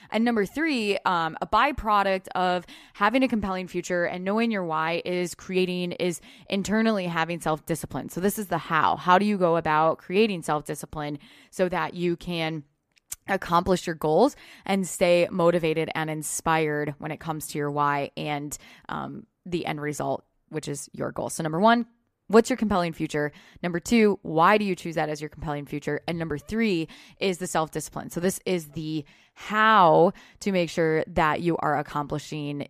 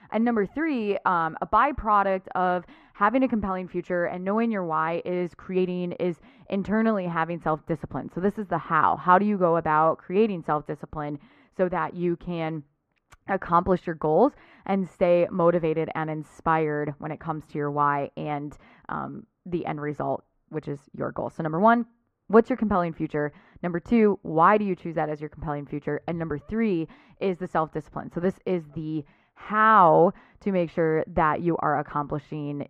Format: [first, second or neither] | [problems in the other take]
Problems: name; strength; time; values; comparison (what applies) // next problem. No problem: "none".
first | muffled; very; fading above 4 kHz